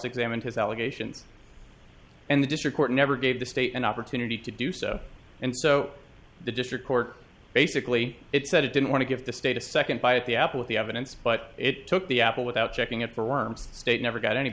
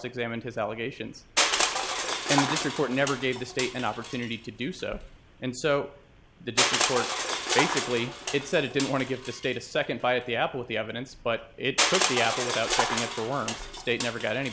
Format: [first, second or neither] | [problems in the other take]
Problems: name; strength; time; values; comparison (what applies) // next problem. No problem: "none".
first | background sound (Crushing); 1 dB below the speech